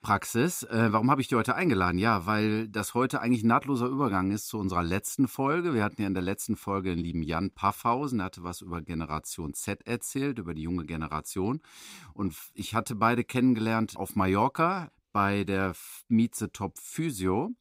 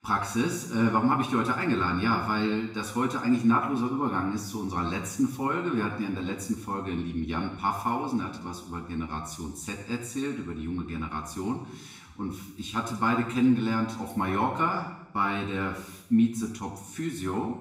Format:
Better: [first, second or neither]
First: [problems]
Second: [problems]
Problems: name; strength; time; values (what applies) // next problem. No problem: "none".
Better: first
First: none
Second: room echo; noticeable; dies away in 0.8 s // off-mic speech; far